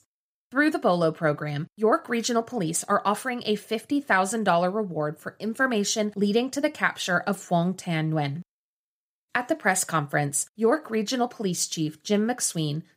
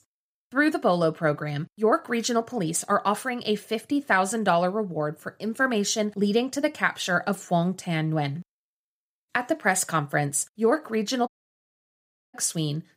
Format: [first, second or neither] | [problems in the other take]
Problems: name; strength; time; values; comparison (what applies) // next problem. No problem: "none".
first | audio cutting out; at 11 s for 1 s